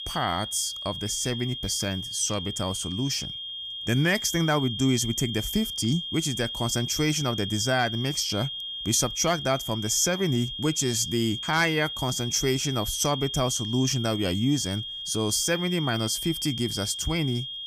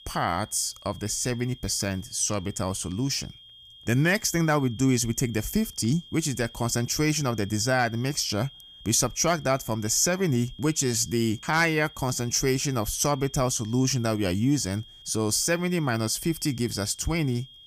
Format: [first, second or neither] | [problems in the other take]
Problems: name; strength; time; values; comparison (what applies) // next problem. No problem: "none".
second | high-pitched whine; loud; throughout; 3 kHz, 6 dB below the speech; faint in the second